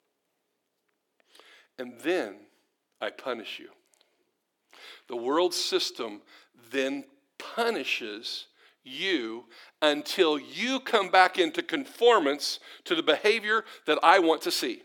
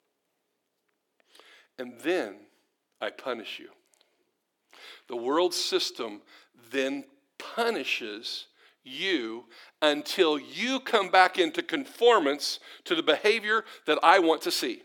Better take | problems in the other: neither | thin; very slightly; fading below 300 Hz; the same in both

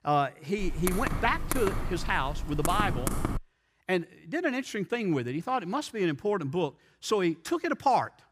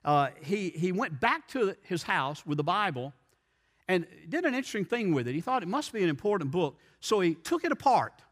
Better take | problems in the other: second | keyboard typing; noticeable; from 0.5 to 3.5 s; peak 2 dB below the speech

